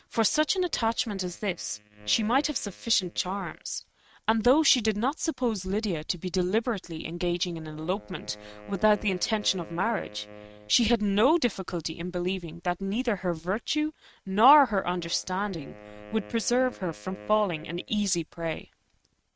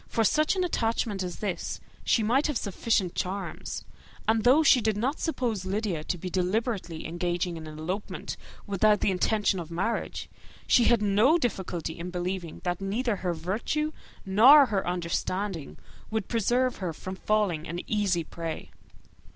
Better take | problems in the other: second | noise reduction (neural mask model RNNoise)

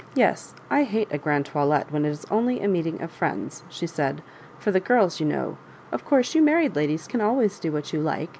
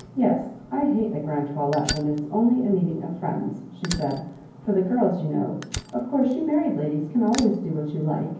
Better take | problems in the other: first | background sound (Fire); 15 dB below the speech // room echo; dies away in 0.9 s

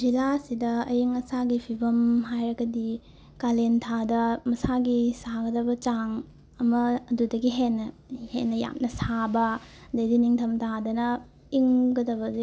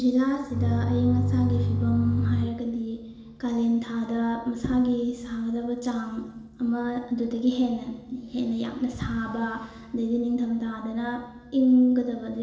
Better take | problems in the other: first | background sound (Bowed string instrument); as loud as the speech // room echo; dies away in 1.3 s

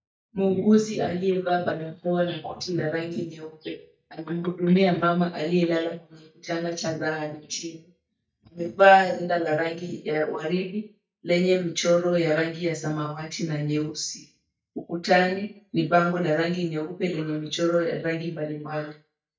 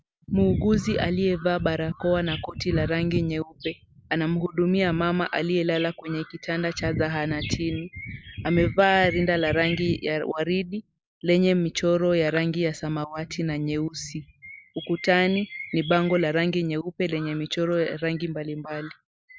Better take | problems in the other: second | noise reduction (neural mask model DeepFilterNet 3)

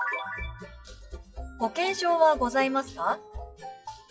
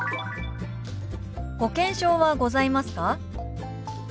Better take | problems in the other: second | noise reduction (classical method WPE with log-MMSE)

